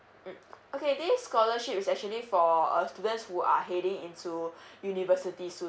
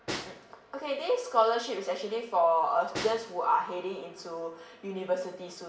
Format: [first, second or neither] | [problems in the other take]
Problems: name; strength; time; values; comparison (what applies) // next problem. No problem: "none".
first | background sound (Snare drum); 15 dB below the speech // room echo; dies away in 0.8 s